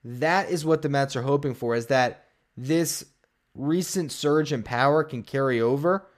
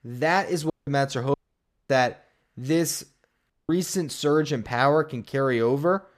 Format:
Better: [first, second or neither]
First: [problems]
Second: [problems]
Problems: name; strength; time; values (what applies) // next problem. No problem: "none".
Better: first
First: none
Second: audio cutting out; at 0.5 s, at 1.5 s for 0.5 s and at 3.5 s